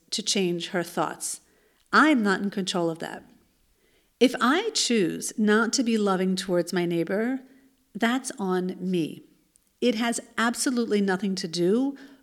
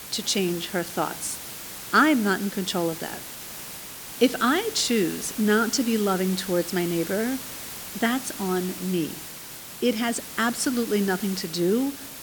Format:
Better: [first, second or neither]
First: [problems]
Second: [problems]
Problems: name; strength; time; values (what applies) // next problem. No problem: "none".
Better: first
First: none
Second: hiss; loud; throughout; 10 dB below the speech